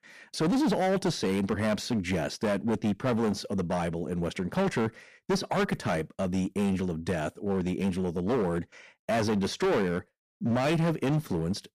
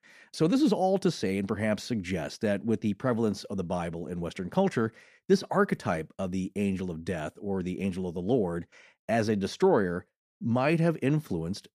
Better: second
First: distortion; heavy; 15% of the sound clipped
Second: none

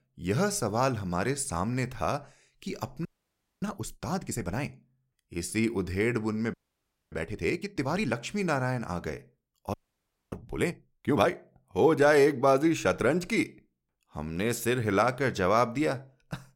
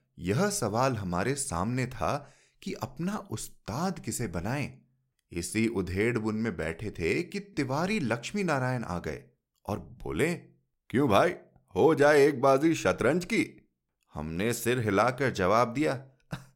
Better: second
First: audio freezing; at 3 s for 0.5 s, at 6.5 s for 0.5 s and at 9.5 s for 0.5 s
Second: none

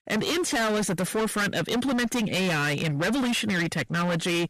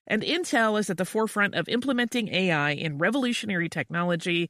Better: second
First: distortion; heavy; 36% of the sound clipped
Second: none

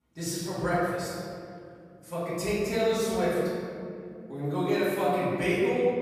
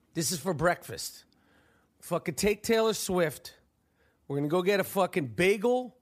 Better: second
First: off-mic speech; far // room echo; strong; dies away in 2.3 s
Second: none

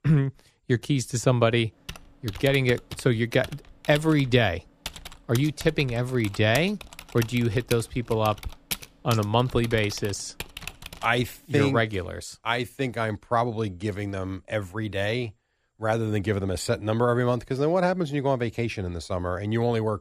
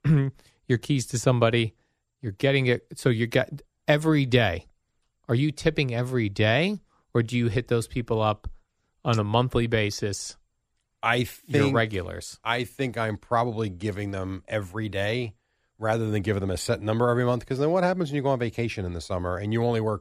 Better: second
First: keyboard typing; noticeable; from 2 to 11 s; peak 7 dB below the speech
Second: none

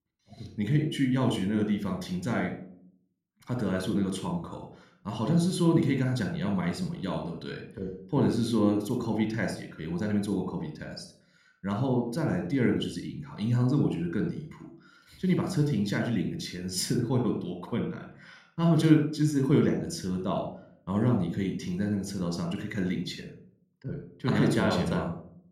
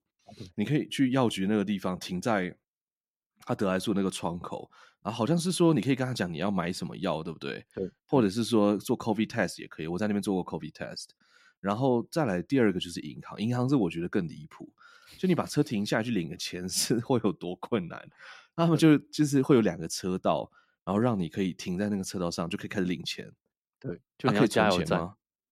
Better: second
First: room echo; slight; dies away in 0.5 s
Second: none

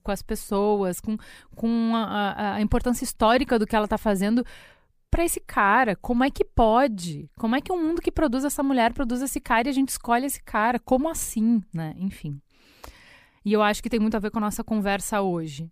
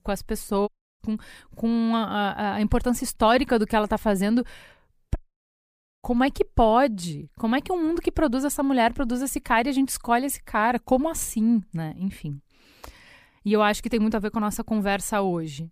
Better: first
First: none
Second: audio cutting out; at 0.5 s and at 5 s for 1 s

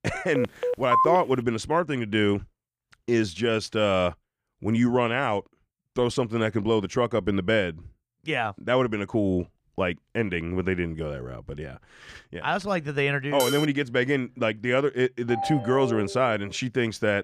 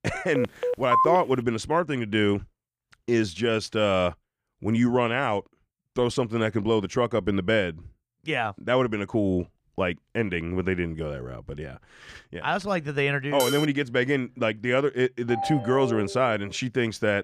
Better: neither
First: phone ringing; loud; at 0.5 s; peak 3 dB above the speech // clattering dishes; noticeable; at 13 s; peak 4 dB below the speech // phone ringing; noticeable; from 15 to 16 s; peak 6 dB below the speech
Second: phone ringing; loud; at 0.5 s; peak 3 dB above the speech // clattering dishes; noticeable; at 13 s; peak 4 dB below the speech // phone ringing; noticeable; from 15 to 16 s; peak 6 dB below the speech

